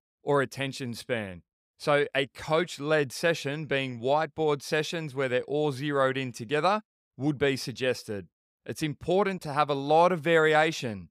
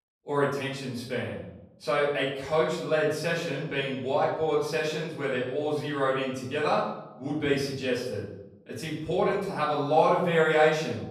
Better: first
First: none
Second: off-mic speech; far // room echo; noticeable; dies away in 0.7 s

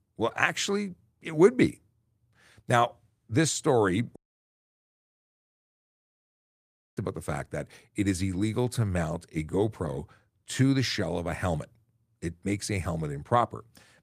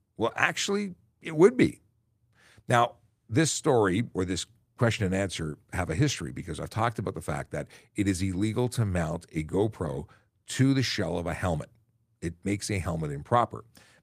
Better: second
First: audio cutting out; at 4 s for 3 s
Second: none

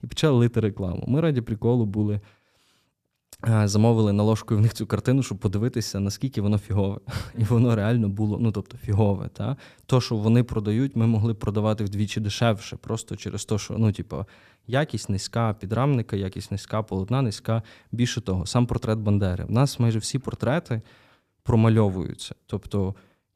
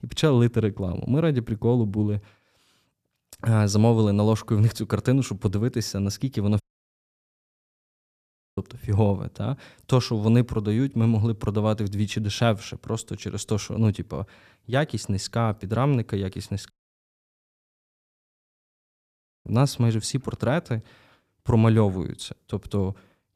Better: first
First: none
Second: audio cutting out; at 6.5 s for 2 s and at 17 s for 3 s

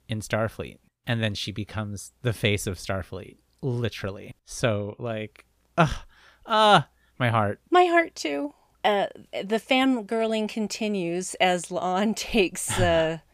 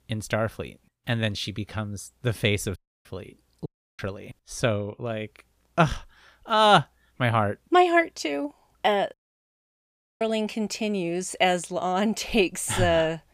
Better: first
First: none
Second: audio cutting out; at 3 s, at 3.5 s and at 9 s for 1 s

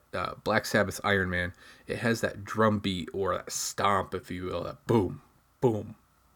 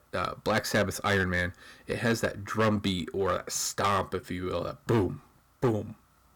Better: first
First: none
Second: distortion; slight; 6% of the sound clipped

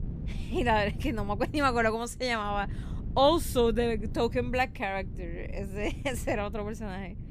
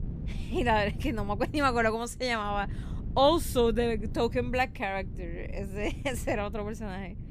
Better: neither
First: wind noise on the microphone; occasional gusts; 20 dB below the speech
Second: wind noise on the microphone; occasional gusts; 20 dB below the speech

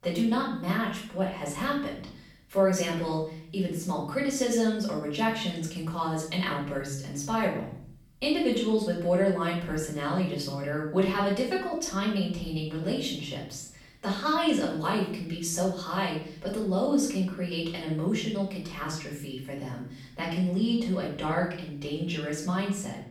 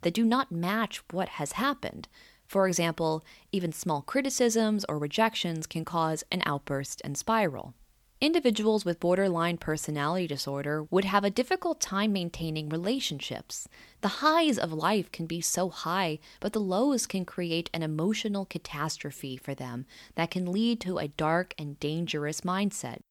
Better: second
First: off-mic speech; far // room echo; noticeable; dies away in 0.6 s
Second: none

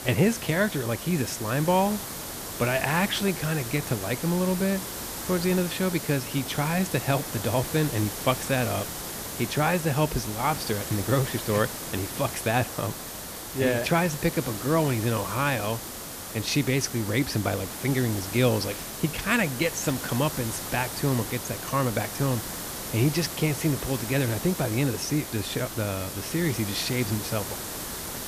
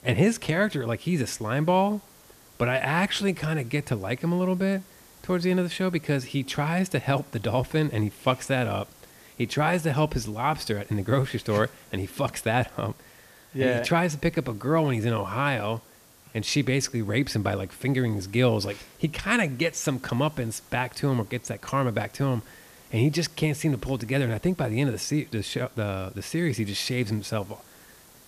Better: second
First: hiss; loud; throughout; 7 dB below the speech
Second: hiss; faint; throughout; 25 dB below the speech

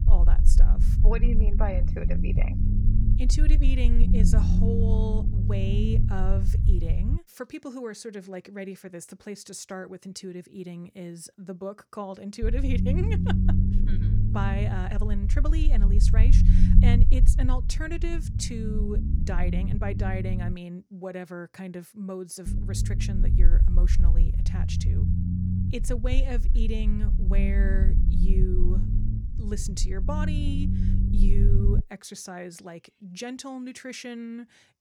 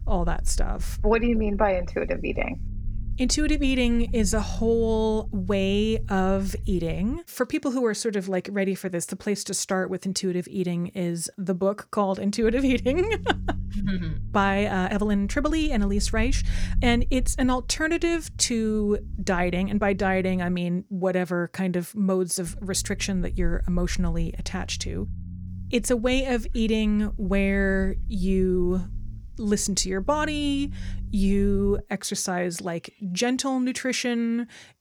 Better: second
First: low rumble; loud; until 7 s, from 12 to 21 s and from 22 to 32 s; 3 dB below the speech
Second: low rumble; faint; until 7 s, from 12 to 21 s and from 22 to 32 s; 25 dB below the speech

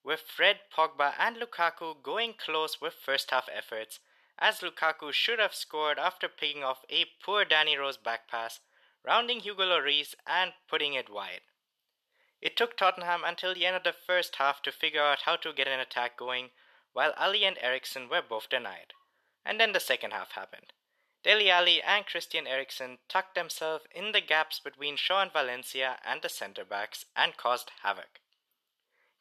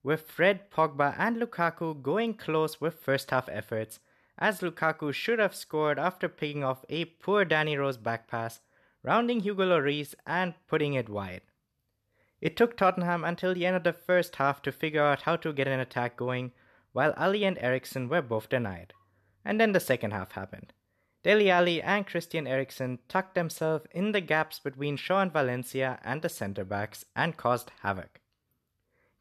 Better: second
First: thin; very; fading below 600 Hz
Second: none

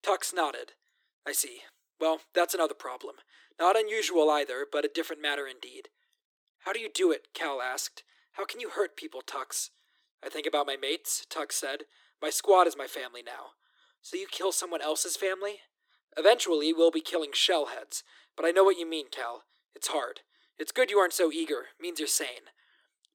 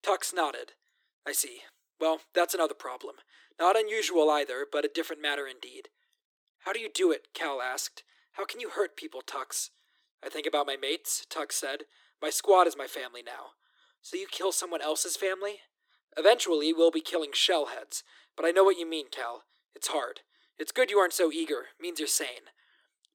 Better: neither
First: thin; very; fading below 300 Hz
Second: thin; very; fading below 300 Hz

